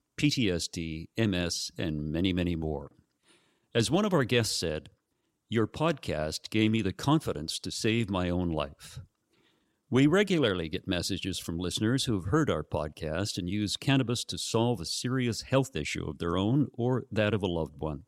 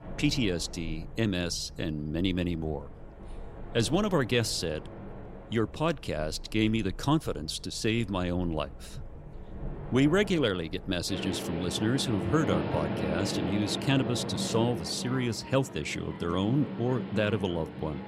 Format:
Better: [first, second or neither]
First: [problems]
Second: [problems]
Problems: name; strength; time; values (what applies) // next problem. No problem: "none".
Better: first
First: none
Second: train or aircraft noise; loud; throughout; 9 dB below the speech